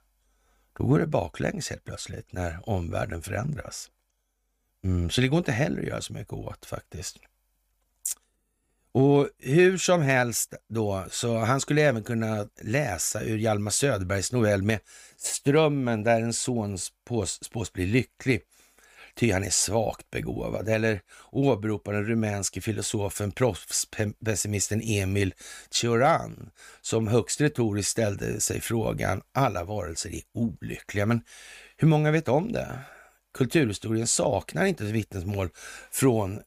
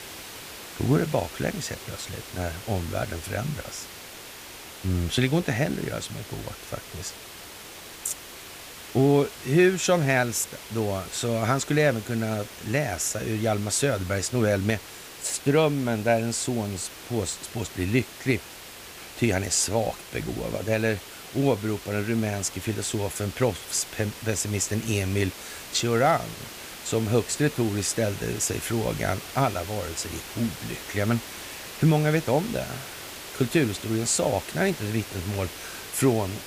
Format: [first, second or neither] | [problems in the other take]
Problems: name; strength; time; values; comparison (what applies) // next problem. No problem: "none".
first | hiss; noticeable; throughout; 15 dB below the speech